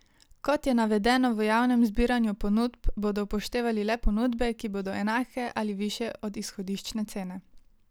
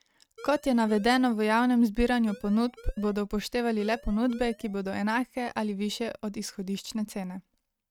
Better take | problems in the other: first | noise reduction (neural mask model RNNoise)

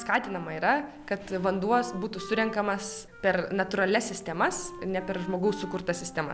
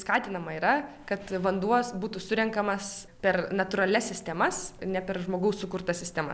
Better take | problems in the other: second | background sound (Wind instrument, woodwind instrument); 16 dB below the speech

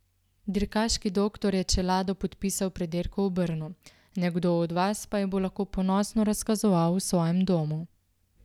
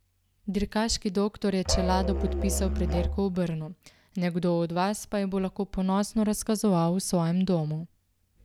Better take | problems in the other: first | background sound (Musical instrument); 2 dB below the speech

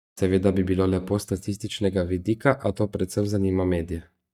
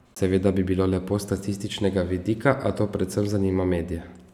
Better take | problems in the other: second | noise reduction (neural mask model DeepFilterNet 3)

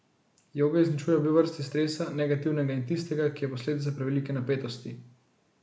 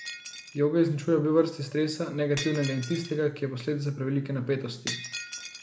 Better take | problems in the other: first | background sound (Shatter); 14 dB below the speech

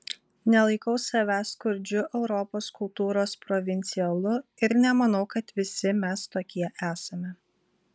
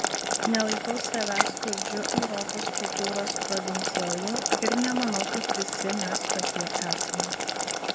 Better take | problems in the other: first | background sound (Boiling); 4 dB above the speech

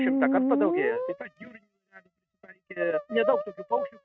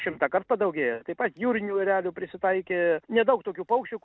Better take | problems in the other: second | noise reduction (neural mask model RNNoise)

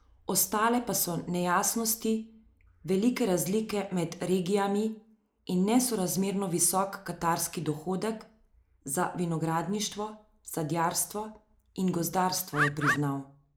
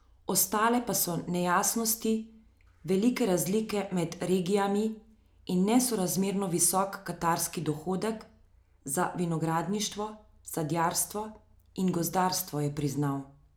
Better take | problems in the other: second | noise reduction (neural mask model Resemble Enhance denoiser)

